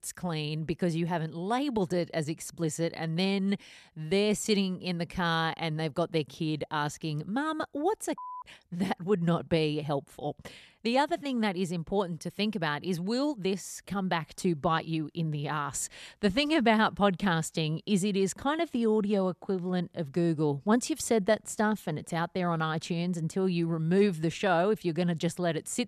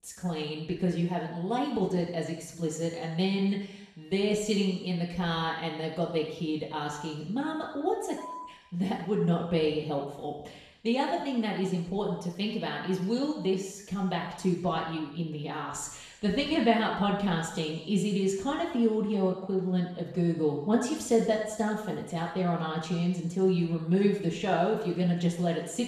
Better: first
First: none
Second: room echo; noticeable; dies away in 0.9 s // off-mic speech; far

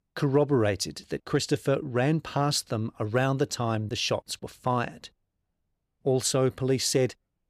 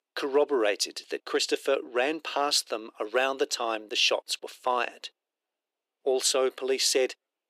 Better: first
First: none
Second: thin; very; fading below 350 Hz

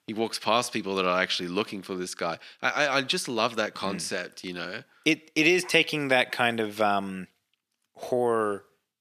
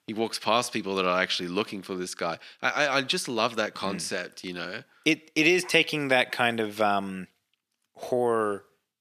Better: neither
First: thin; somewhat; fading below 300 Hz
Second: thin; somewhat; fading below 300 Hz

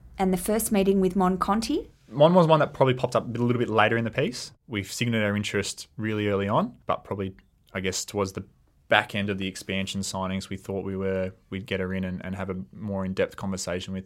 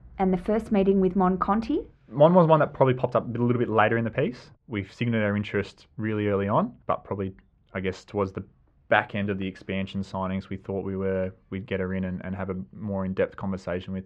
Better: first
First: none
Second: muffled; very; fading above 2 kHz

